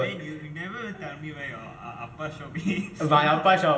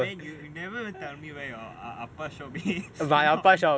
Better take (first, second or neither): second